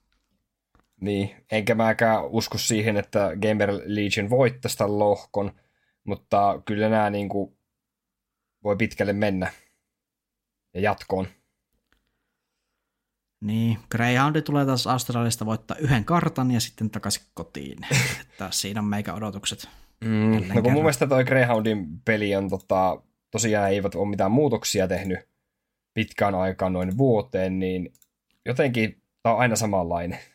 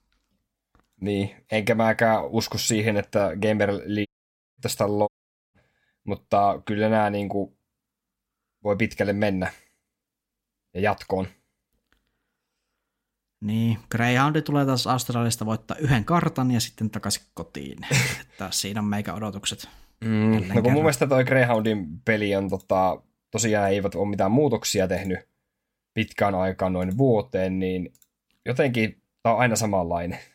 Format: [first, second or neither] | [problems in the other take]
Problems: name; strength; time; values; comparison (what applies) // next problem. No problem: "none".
first | audio cutting out; at 4 s for 0.5 s and at 5 s